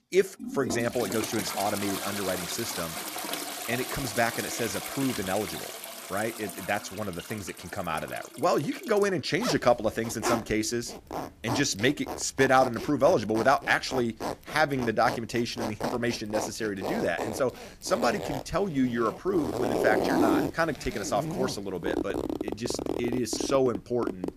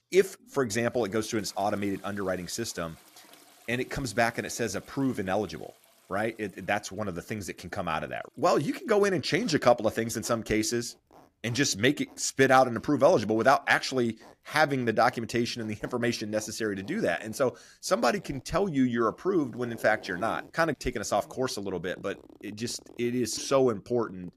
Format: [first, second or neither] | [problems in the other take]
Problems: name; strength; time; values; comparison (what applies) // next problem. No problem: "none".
second | household noises; loud; throughout; 5 dB below the speech; faint in the second